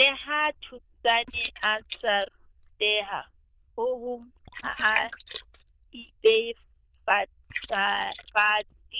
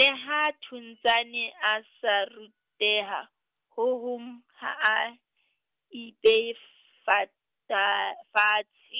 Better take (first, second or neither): second